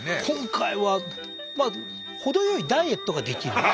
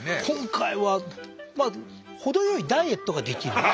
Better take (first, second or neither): second